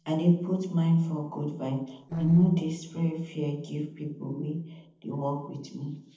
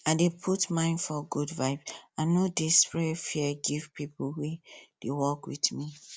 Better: second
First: noise reduction (neural separator model SepFormer DNS4)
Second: none

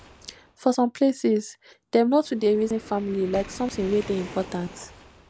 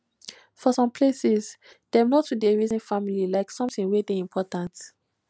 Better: second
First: background sound (Waves, surf); 18 dB below the speech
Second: none

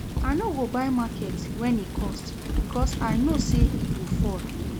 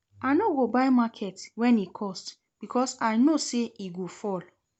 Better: second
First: background sound (Thunder / Rain); 3 dB above the speech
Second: none

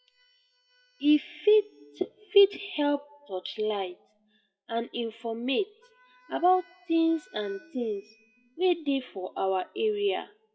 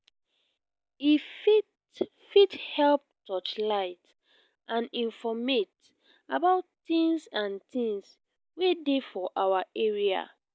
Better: second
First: noise reduction (classical method WPE with log-MMSE)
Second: none

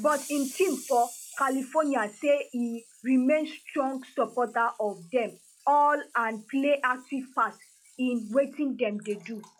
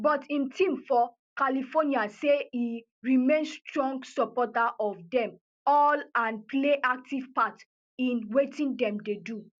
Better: second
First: noise reduction (classical method log-MMSE)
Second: none

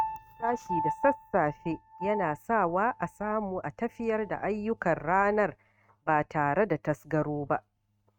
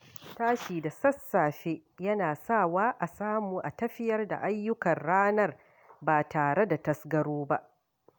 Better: second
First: noise reduction (neural mask model RNNoise)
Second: none

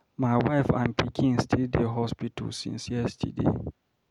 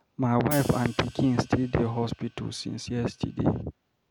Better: first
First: none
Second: background sound (Hi-hat); 17 dB below the speech

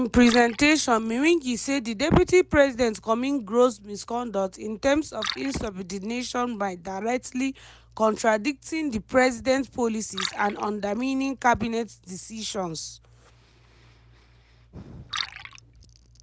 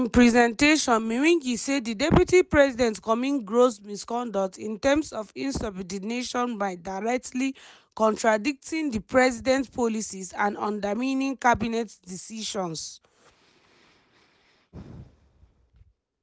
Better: second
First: background sound (Liquid); 17 dB below the speech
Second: none

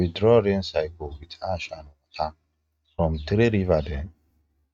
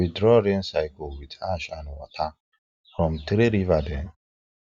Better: second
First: noise reduction (neural mask model RNNoise)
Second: none

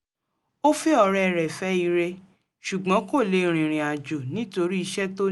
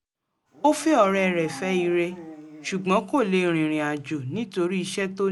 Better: first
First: none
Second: background sound (Dog); 20 dB below the speech

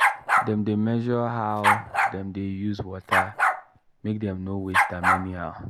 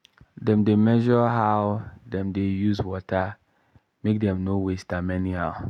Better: second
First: background sound (Bark); 2 dB above the speech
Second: none

